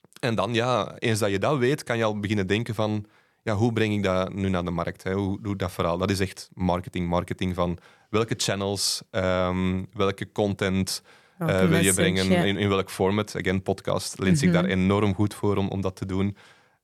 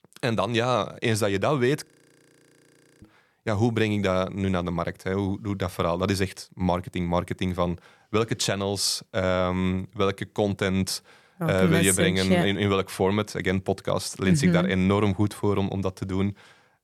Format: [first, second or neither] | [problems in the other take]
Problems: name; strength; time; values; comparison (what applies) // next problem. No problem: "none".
first | audio freezing; at 2 s for 1 s